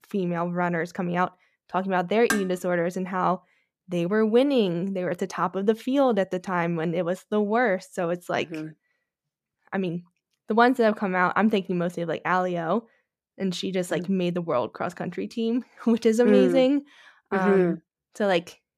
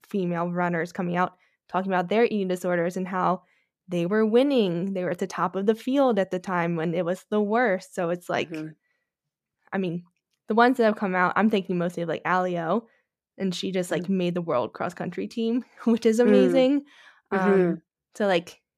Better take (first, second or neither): second